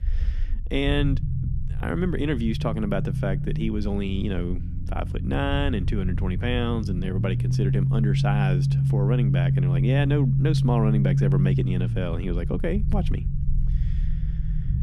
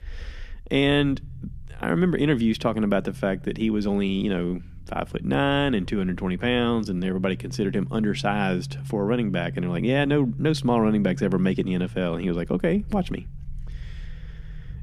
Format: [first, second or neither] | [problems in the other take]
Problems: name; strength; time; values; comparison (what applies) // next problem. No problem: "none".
second | low rumble; loud; throughout; 6 dB below the speech; faint in the second